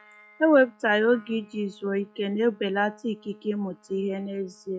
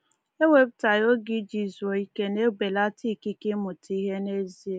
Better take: second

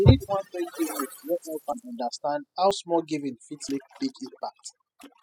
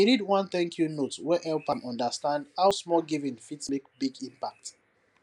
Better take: second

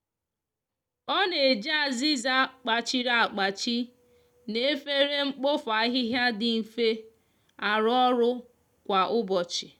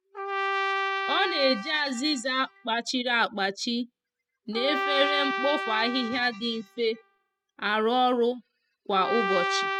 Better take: first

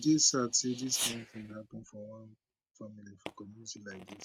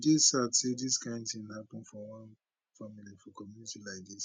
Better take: second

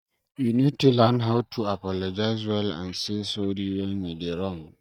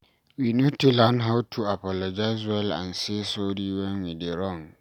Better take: second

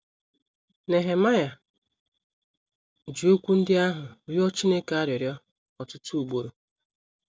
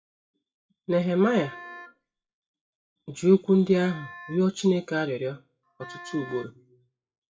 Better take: first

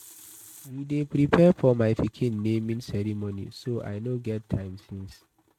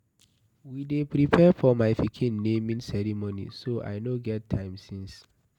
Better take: second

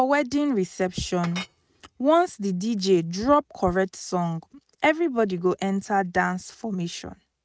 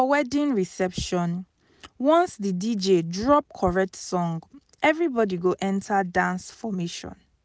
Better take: second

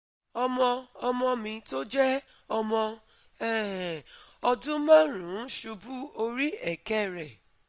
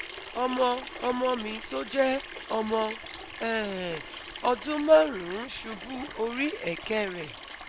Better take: first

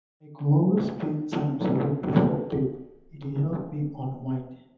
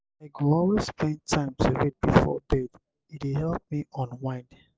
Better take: second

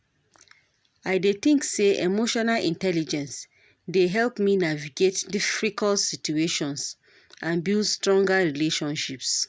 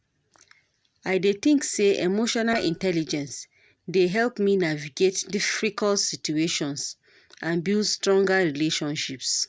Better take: first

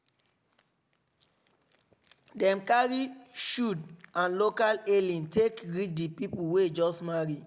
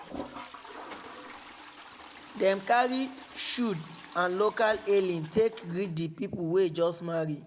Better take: first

